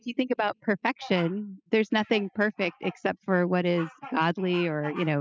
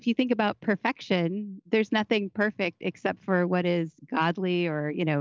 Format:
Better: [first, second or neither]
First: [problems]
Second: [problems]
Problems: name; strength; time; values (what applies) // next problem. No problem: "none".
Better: second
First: noise reduction (classical method spectral subtraction)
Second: none